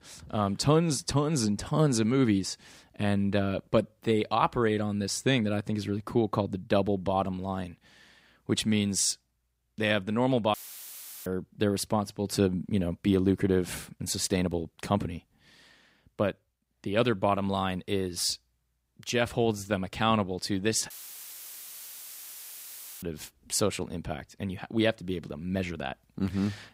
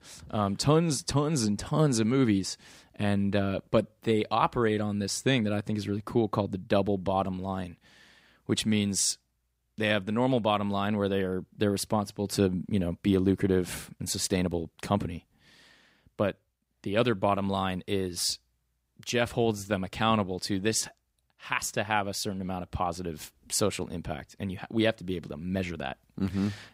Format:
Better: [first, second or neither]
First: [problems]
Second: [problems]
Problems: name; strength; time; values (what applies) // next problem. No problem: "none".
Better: second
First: audio cutting out; filled with static; at 11 s for 0.5 s and at 21 s for 2 s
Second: none